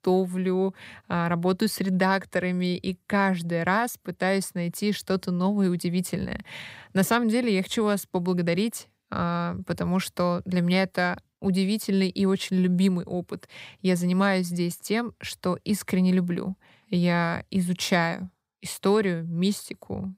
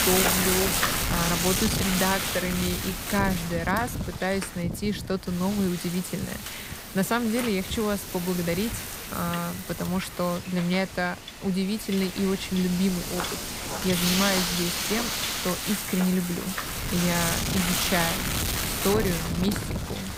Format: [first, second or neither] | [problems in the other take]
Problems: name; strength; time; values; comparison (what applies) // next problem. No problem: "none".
first | wind noise on the microphone; heavy; 1 dB above the speech